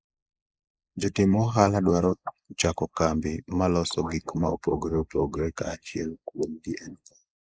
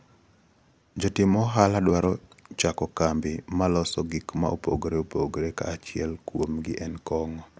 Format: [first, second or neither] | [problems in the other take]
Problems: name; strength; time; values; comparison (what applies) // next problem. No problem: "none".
second | noise reduction (neural mask model Resemble Enhance denoiser)